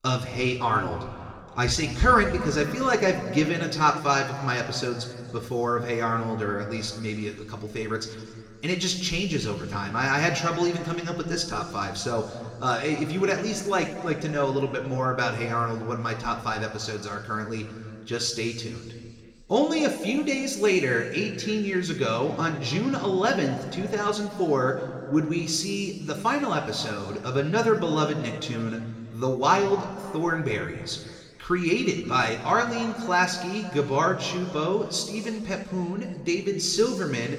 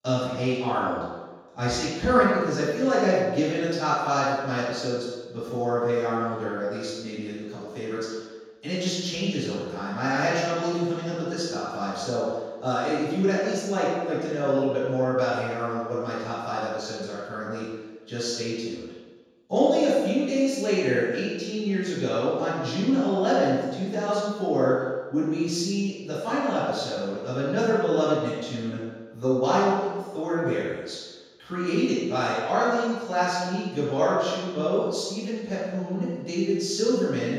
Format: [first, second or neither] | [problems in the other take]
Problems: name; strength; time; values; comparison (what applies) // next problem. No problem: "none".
first | room echo; strong; dies away in 1.2 s; slight in the first // off-mic speech; far; somewhat distant in the first